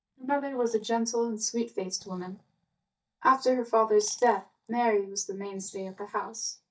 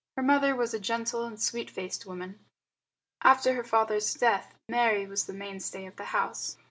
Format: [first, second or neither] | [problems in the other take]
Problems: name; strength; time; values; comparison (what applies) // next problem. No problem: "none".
second | noise reduction (neural mask model DeepFilterNet 3)